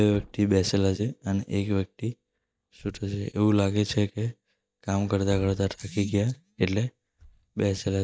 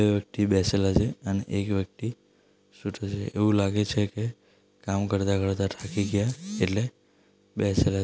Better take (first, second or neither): second